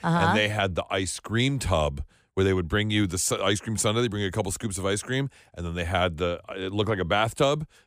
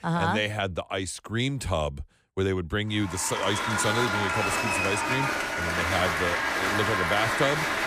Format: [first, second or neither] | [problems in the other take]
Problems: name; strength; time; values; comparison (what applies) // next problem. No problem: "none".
first | crowd noise; very loud; from 3.5 s on; 2 dB above the speech